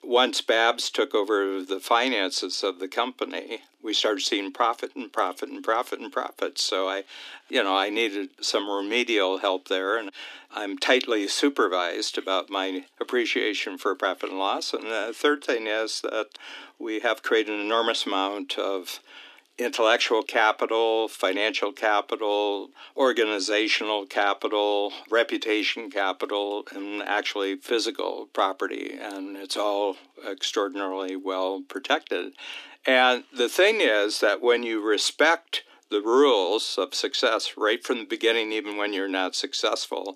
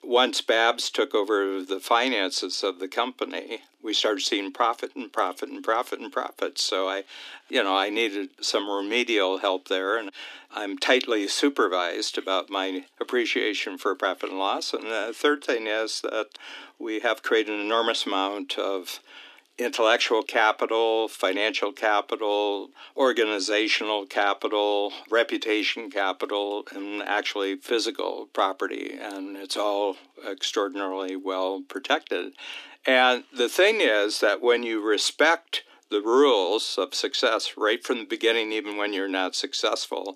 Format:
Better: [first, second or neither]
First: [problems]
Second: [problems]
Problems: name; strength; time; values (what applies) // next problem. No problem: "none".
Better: neither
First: thin; somewhat; fading below 300 Hz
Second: thin; somewhat; fading below 300 Hz